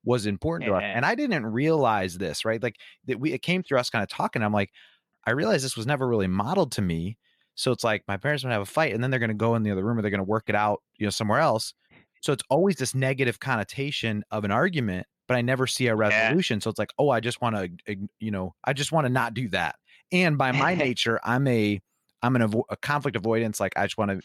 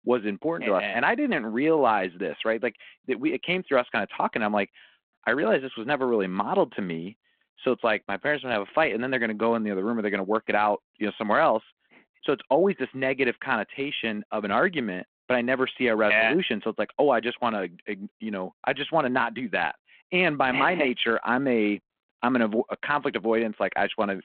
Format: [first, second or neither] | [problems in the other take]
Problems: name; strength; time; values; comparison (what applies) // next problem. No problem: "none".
first | phone-call audio